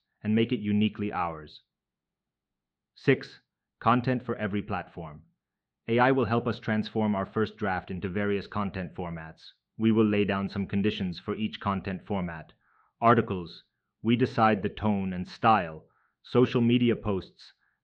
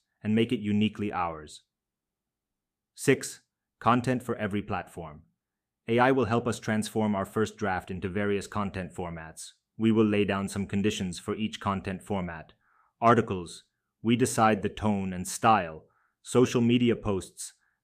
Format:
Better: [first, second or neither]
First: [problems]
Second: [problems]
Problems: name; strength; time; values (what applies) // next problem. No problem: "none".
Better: second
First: muffled; slightly; fading above 4.5 kHz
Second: none